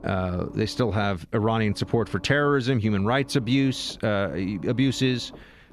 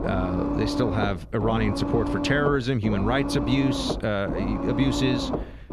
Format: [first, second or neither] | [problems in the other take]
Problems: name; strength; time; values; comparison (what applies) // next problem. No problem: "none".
first | low rumble; loud; throughout; 4 dB below the speech; faint in the first